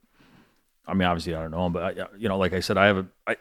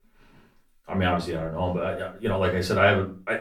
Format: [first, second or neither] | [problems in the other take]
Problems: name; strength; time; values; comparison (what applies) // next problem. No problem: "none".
first | off-mic speech; far // room echo; slight; dies away in 0.3 s